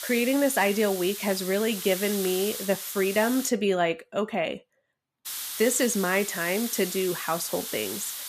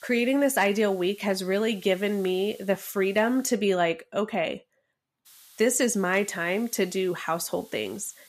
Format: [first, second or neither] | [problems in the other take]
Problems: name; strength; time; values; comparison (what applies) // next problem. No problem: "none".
second | hiss; loud; until 3.5 s and from 5.5 s on; 7 dB below the speech; faint in the second